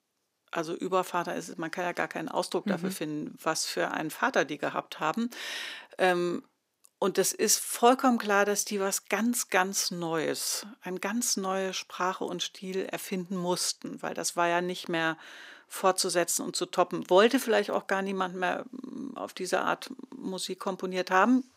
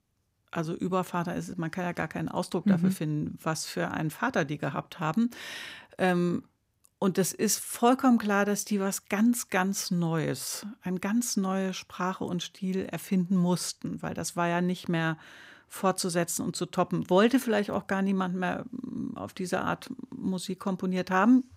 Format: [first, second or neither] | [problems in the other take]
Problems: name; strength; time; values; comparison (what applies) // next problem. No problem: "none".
second | thin; somewhat; fading below 400 Hz